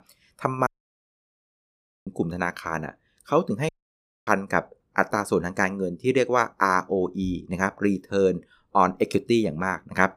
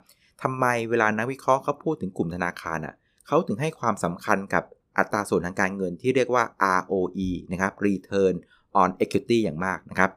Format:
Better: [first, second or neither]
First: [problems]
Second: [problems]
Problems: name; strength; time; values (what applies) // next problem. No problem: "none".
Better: second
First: audio cutting out; at 0.5 s for 1.5 s and at 3.5 s for 0.5 s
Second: none